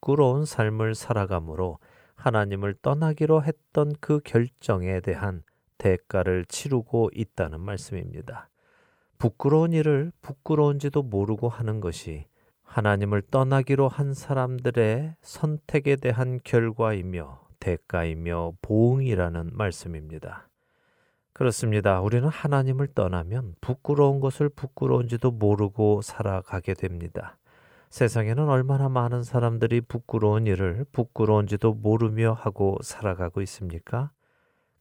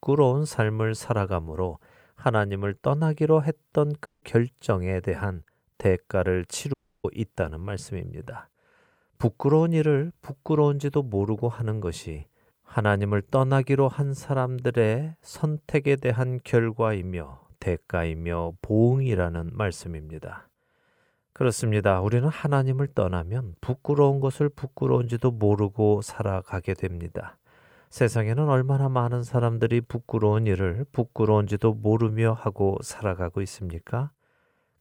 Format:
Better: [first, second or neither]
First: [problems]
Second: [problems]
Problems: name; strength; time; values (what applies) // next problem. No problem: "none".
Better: first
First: none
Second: audio cutting out; at 4 s and at 6.5 s